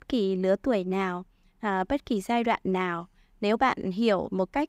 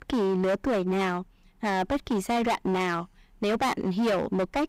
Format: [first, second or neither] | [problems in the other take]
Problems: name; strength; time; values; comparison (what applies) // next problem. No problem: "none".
first | distortion; heavy; 19% of the sound clipped